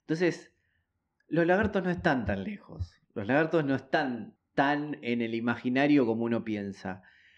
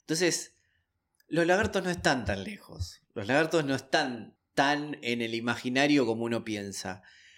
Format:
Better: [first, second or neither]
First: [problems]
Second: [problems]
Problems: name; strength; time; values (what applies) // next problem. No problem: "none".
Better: second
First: muffled; slightly; fading above 2.5 kHz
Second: none